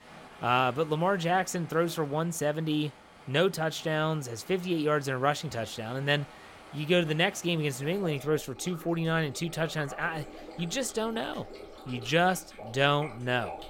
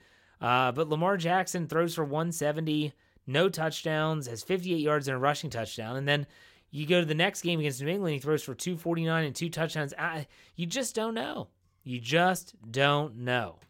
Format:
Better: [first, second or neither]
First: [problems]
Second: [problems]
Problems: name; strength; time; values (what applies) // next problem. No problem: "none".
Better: second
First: rain or running water; noticeable; throughout; 20 dB below the speech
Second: none